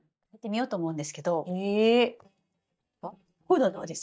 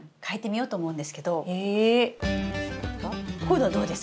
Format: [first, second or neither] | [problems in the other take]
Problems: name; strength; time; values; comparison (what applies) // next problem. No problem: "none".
second | noise reduction (neural mask model DeepFilterNet 3)